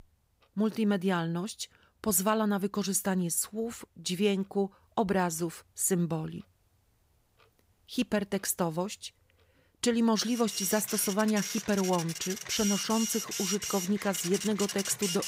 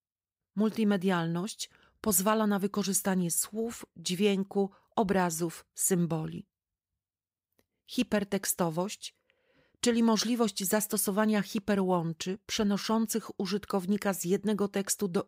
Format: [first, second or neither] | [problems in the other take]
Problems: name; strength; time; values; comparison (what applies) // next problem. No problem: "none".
second | household noises; loud; throughout; 5 dB below the speech